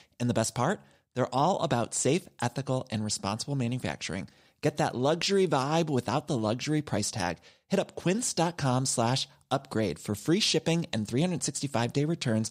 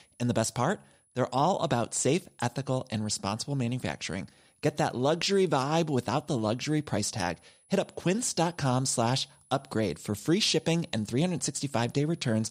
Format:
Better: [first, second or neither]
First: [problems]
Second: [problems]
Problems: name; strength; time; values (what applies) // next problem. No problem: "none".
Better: first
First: none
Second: high-pitched whine; faint; throughout; 10 kHz, 35 dB below the speech